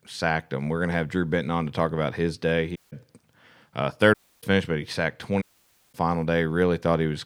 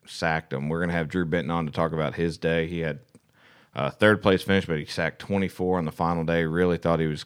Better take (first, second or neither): second